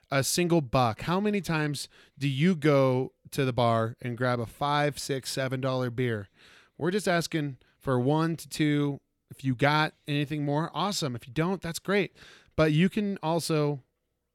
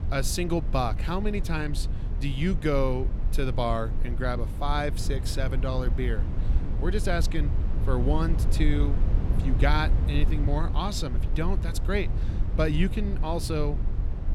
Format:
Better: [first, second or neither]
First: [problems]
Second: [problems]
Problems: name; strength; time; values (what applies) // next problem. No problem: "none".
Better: first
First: none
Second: low rumble; noticeable; throughout; 10 dB below the speech